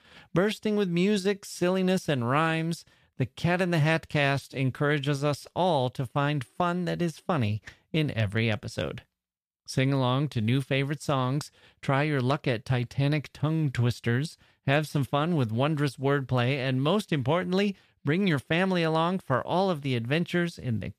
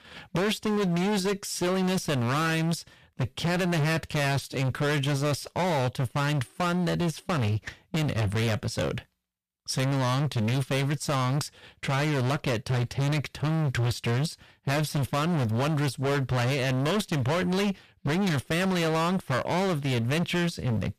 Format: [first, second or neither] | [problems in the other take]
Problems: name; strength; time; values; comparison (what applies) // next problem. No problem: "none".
first | distortion; heavy; 33% of the sound clipped